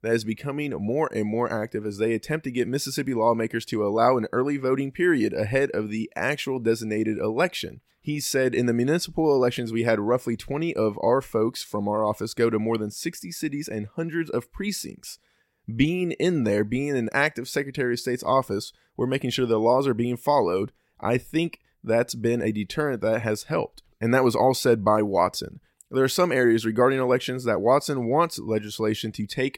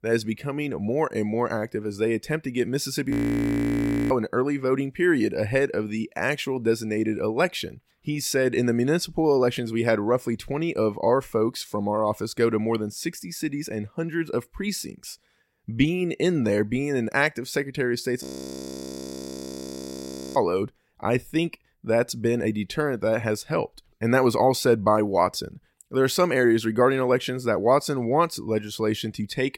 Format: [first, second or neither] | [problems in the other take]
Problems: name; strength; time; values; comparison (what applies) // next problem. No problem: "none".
first | audio freezing; at 3 s for 1 s and at 18 s for 2 s